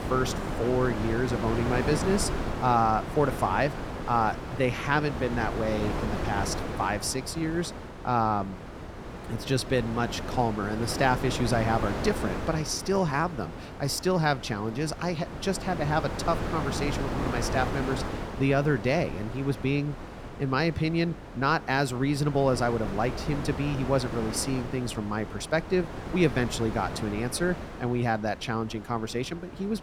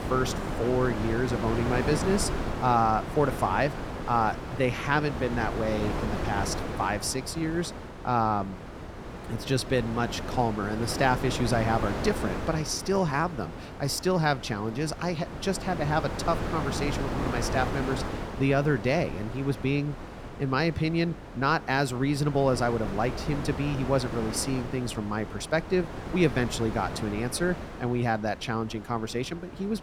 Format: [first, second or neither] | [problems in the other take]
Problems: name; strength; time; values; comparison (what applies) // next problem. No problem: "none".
neither | wind noise on the microphone; heavy; 8 dB below the speech; the same in both